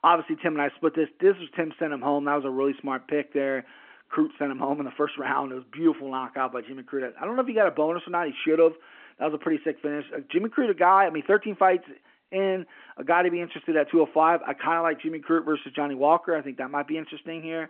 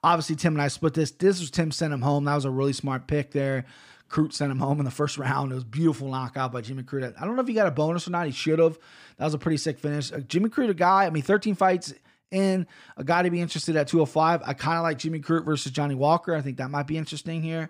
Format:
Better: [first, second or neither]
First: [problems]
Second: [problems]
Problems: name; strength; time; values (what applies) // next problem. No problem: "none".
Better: second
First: phone-call audio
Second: none